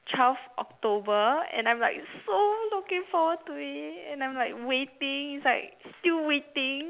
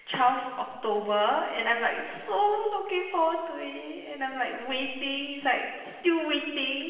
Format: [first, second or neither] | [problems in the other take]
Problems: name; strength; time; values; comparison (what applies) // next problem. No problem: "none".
first | room echo; dies away in 1.4 s